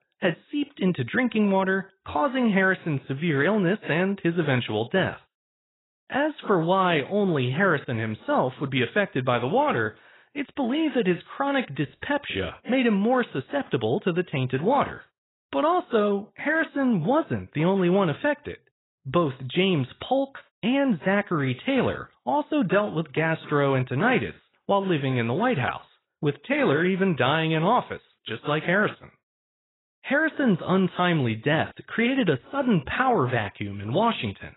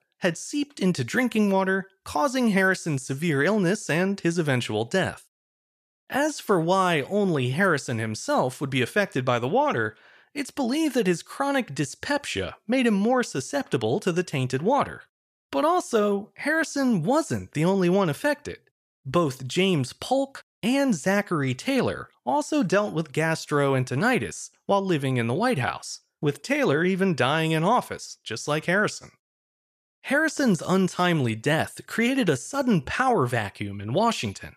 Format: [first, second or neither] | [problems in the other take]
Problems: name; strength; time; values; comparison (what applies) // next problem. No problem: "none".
second | garbled, watery; badly; nothing above 4 kHz